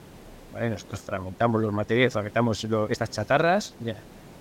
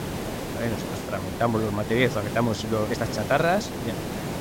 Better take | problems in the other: first | hiss; loud; throughout; 6 dB below the speech; faint in the first

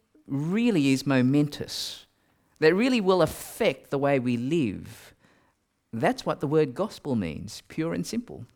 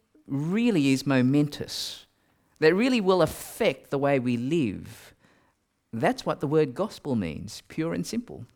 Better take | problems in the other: neither | none

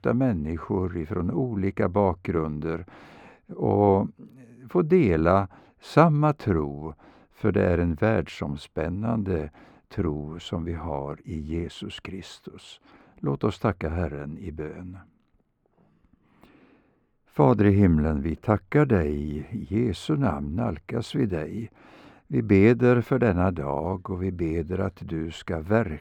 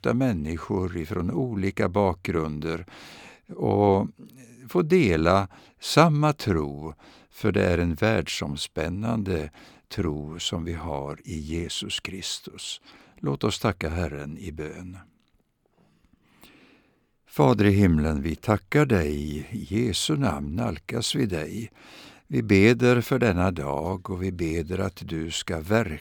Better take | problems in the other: second | muffled; slightly; fading above 2.5 kHz

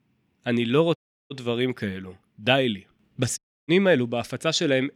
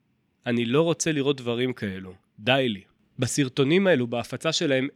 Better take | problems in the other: second | audio cutting out; at 1 s and at 3.5 s

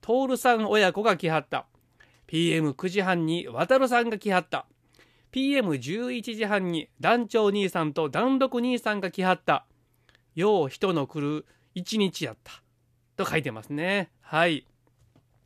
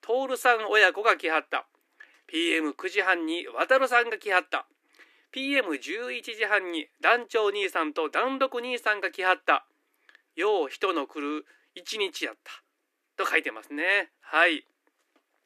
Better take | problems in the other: first | thin; somewhat; fading below 300 Hz

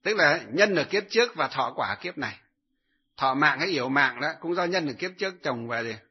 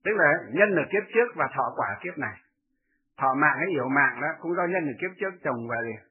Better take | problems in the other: first | garbled, watery; badly; nothing above 2.5 kHz; slightly in the first

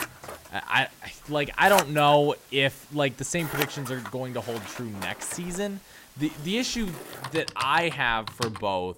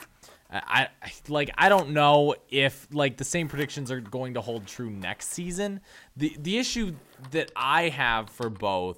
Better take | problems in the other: second | household noises; loud; throughout; 9 dB below the speech; faint in the second

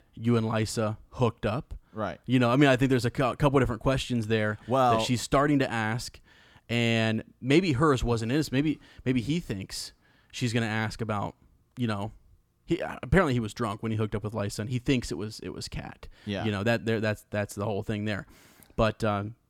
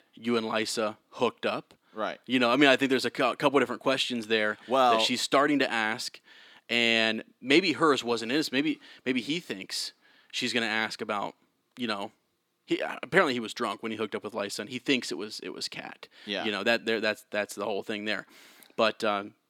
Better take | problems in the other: first | thin; very slightly; fading below 250 Hz

